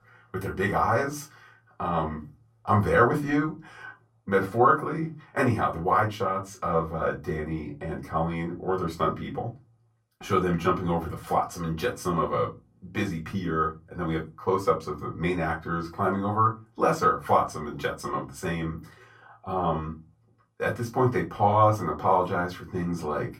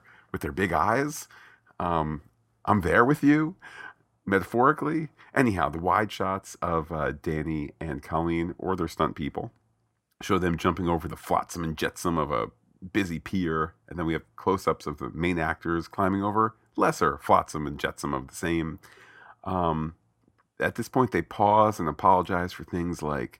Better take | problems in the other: second | off-mic speech; far // room echo; very slight; dies away in 0.2 s

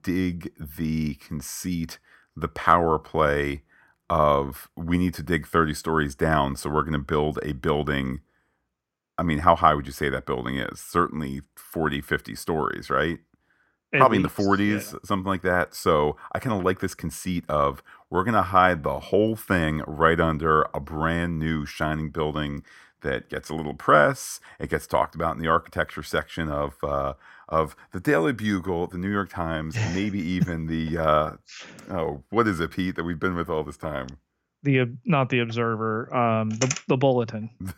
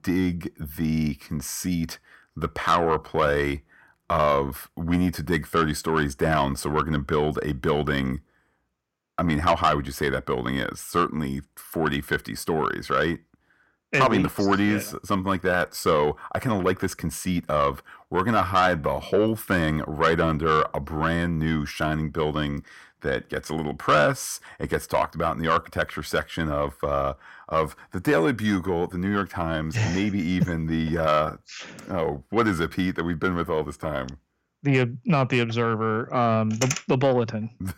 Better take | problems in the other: first | distortion; slight; 10 dB below the speech

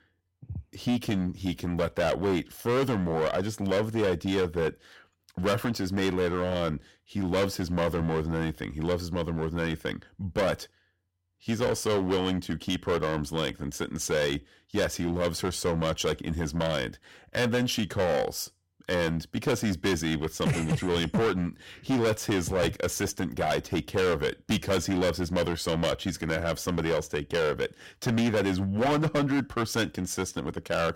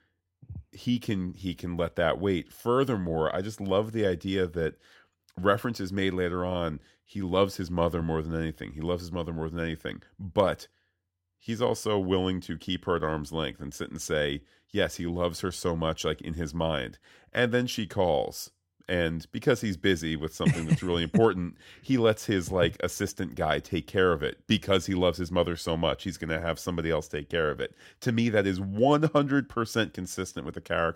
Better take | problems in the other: second | distortion; heavy; 13% of the sound clipped

